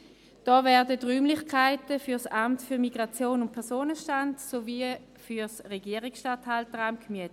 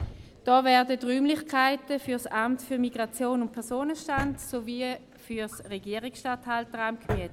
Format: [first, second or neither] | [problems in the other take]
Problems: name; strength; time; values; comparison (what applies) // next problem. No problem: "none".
first | background sound (Drawer open or close); 14 dB below the speech